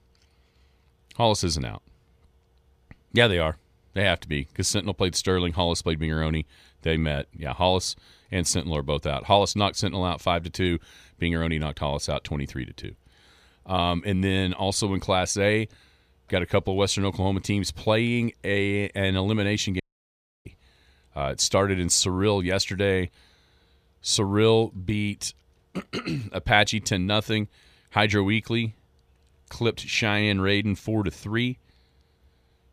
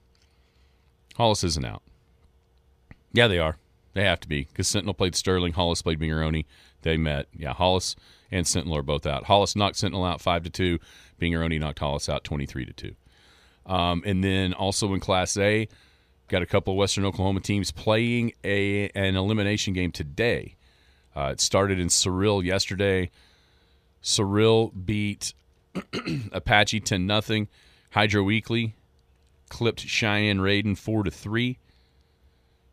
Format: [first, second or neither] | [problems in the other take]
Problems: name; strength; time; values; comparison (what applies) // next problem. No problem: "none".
second | audio cutting out; at 20 s for 0.5 s